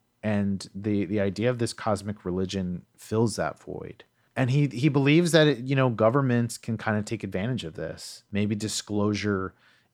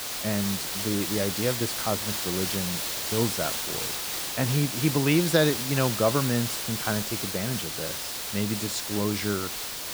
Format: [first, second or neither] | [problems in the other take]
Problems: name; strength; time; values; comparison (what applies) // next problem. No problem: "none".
first | hiss; loud; throughout; 1 dB below the speech